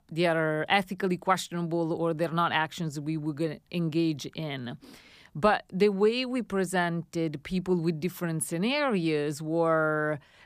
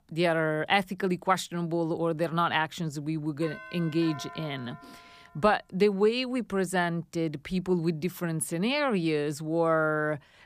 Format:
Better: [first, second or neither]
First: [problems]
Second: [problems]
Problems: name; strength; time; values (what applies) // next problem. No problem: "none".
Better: first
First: none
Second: doorbell; faint; from 3.5 to 5.5 s; peak 15 dB below the speech